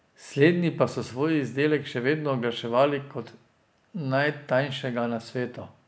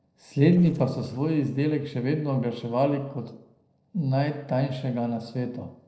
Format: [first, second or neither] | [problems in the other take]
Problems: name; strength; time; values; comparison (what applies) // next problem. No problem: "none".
first | noise reduction (neural separator model SepFormer DNS4)